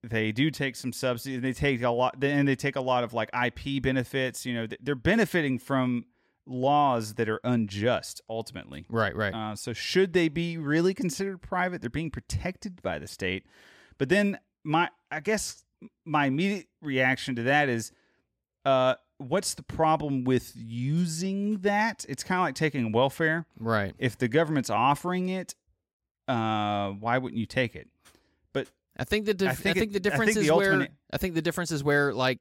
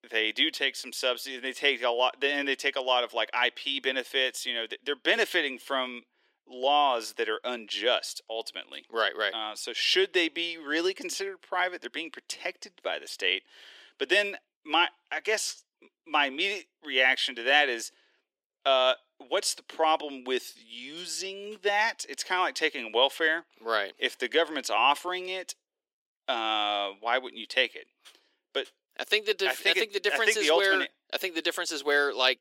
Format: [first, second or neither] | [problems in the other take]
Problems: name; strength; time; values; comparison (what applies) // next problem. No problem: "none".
first | thin; very; fading below 350 Hz